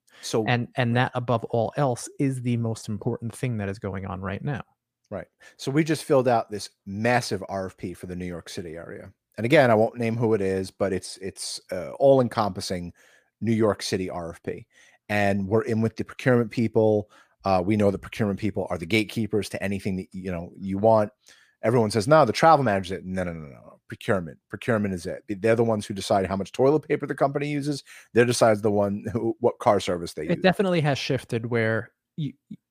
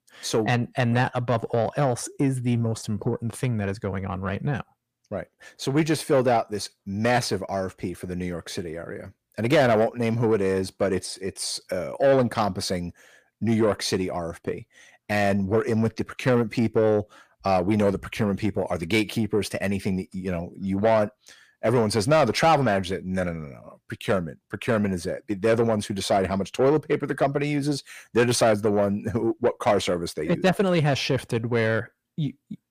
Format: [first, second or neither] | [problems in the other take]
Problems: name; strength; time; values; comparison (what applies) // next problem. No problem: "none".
first | distortion; slight; 10 dB below the speech